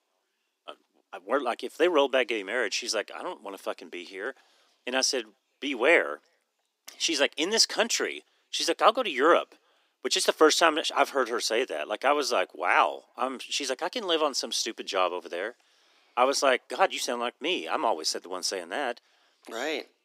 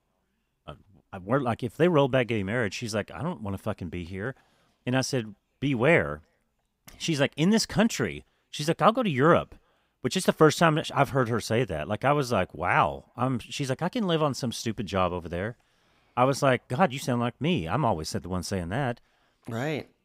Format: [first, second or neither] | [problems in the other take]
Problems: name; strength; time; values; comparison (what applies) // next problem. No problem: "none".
second | thin; somewhat; fading below 300 Hz